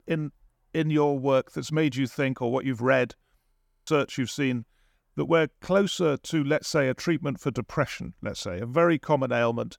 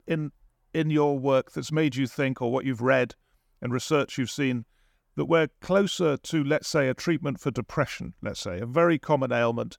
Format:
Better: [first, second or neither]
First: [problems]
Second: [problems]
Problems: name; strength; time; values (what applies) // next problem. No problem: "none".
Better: second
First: audio freezing; at 3.5 s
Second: none